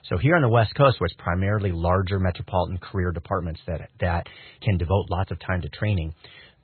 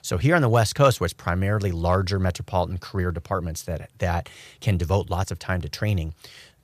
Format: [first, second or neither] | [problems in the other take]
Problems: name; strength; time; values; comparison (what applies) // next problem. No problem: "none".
second | garbled, watery; badly; nothing above 4 kHz